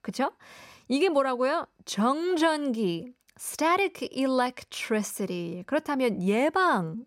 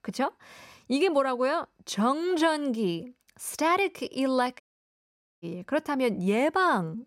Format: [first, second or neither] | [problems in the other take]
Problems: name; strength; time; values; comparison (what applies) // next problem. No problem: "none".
first | audio cutting out; at 4.5 s for 1 s